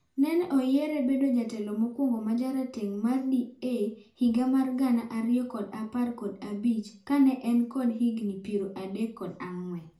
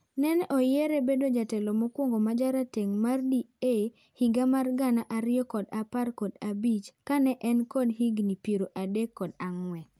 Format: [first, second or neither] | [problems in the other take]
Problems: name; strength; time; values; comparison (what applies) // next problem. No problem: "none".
second | room echo; dies away in 0.4 s